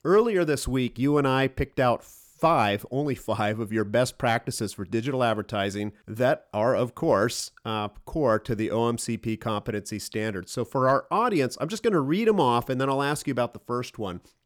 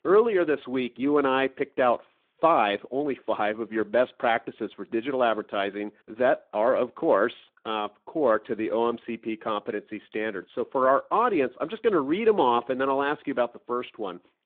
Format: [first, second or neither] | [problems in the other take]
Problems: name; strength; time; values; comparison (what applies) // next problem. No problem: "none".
first | phone-call audio